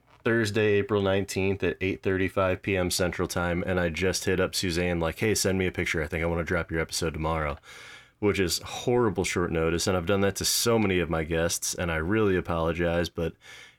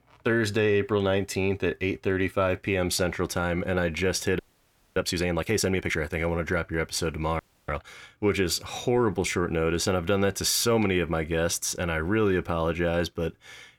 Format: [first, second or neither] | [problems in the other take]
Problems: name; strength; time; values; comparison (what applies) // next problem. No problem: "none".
first | audio freezing; at 4.5 s for 0.5 s and at 7.5 s